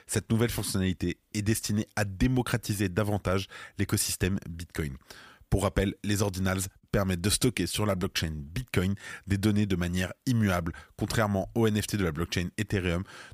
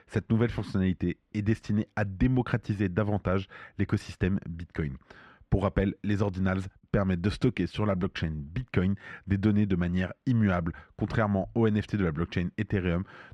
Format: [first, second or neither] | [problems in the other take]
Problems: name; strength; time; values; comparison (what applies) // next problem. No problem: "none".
first | muffled; very; fading above 2 kHz